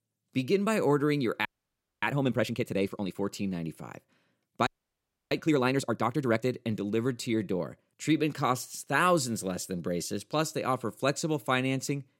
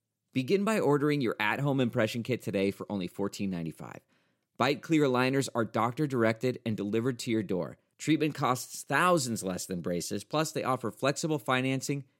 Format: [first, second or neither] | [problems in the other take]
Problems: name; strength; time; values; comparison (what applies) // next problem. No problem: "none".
second | audio freezing; at 1.5 s for 0.5 s and at 4.5 s for 0.5 s